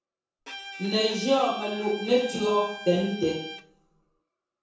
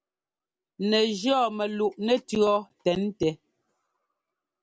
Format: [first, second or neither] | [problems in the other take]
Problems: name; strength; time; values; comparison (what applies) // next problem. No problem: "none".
second | background sound (Bowed string instrument); 13 dB below the speech // room echo; dies away in 0.7 s